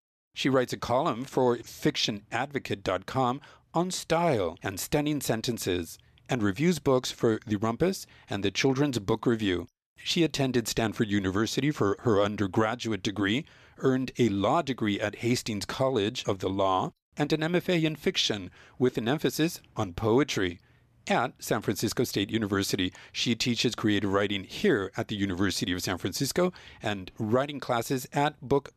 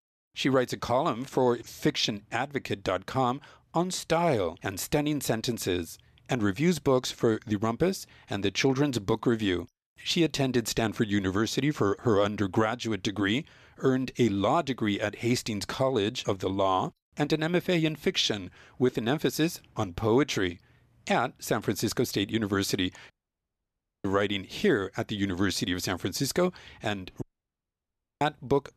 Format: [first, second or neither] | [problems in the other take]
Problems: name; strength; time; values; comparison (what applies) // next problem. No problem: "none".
first | audio cutting out; at 23 s for 1 s and at 27 s for 1 s